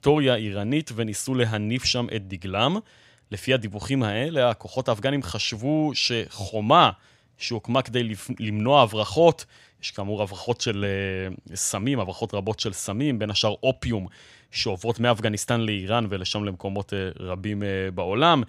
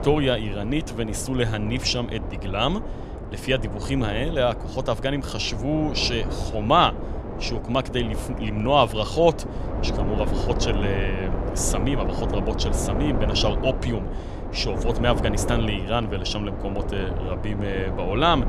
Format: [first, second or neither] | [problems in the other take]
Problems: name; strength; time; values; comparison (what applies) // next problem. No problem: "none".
first | wind noise on the microphone; heavy; 9 dB below the speech